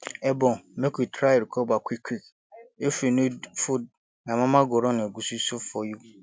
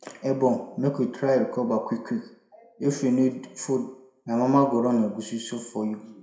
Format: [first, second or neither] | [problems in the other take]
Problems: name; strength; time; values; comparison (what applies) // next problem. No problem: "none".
first | room echo; dies away in 0.5 s